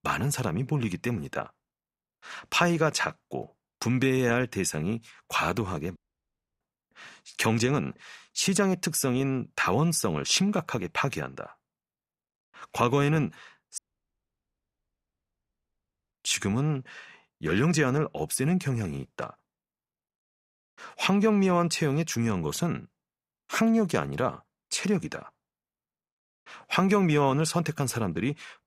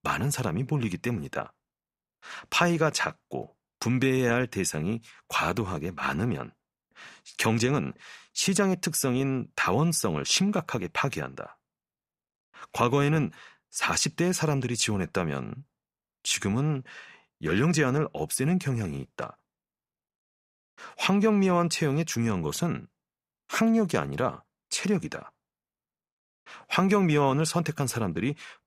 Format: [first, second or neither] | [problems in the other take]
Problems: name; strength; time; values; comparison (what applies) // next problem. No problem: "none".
second | audio cutting out; at 6 s for 0.5 s and at 14 s for 2.5 s